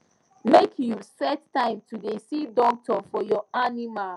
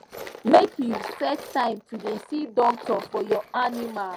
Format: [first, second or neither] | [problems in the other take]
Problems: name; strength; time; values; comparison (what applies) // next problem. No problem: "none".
first | background sound (Tools); 15 dB below the speech